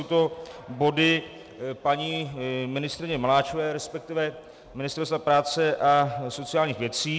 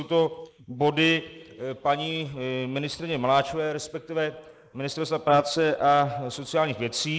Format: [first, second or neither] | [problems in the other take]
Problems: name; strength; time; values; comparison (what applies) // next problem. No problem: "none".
first | noise reduction (neural mask model Resemble Enhance denoiser)